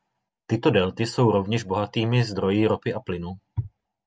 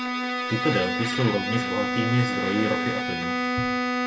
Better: first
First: none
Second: background sound (Bowed string instrument); 1 dB above the speech // room echo; dies away in 0.5 s

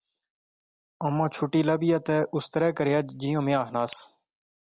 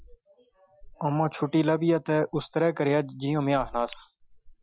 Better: first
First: none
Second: noise reduction (classical method Wiener filter)

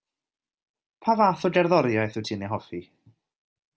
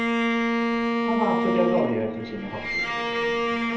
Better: first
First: none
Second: background sound (Bowed string instrument); 5 dB above the speech // room echo; dies away in 0.7 s

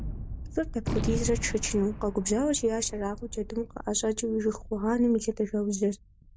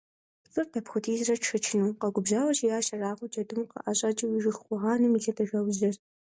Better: second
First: background sound (Gunshot, gunfire); 8 dB below the speech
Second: none

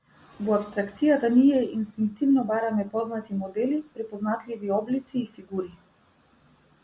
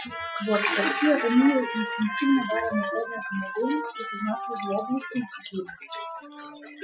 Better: first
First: none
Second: noise reduction (classical method Wiener filter)

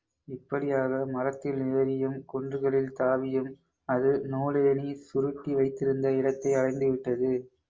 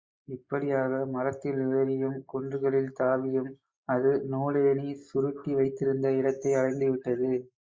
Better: first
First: none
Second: noise reduction (neural mask model Resemble Enhance denoiser)

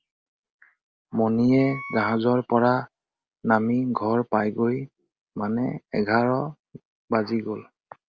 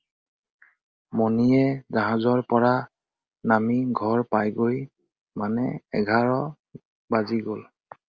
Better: second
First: background sound (Wind instrument, woodwind instrument); 14 dB below the speech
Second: none

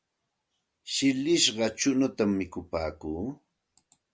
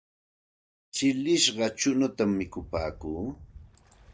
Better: first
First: none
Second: noise reduction (neural mask model DeepFilterNet 3)

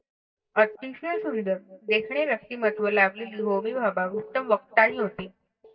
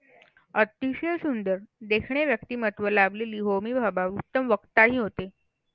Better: second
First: noise reduction (neural mask model DeepFilterNet 3)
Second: none

